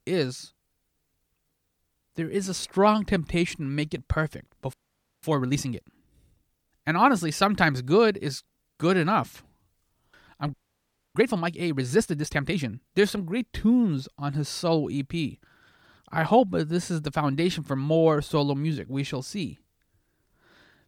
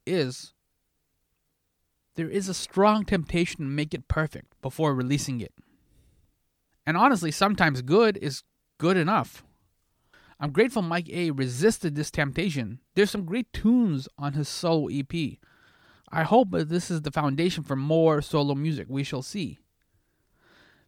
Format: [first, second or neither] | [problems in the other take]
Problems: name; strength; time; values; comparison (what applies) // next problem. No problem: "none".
second | audio freezing; at 4.5 s and at 11 s for 0.5 s